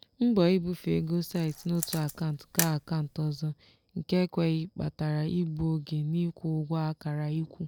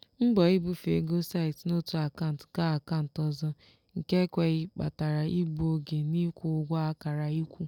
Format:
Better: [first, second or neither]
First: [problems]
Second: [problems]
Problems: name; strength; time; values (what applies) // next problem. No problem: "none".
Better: second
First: background sound (Camera); 10 dB below the speech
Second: none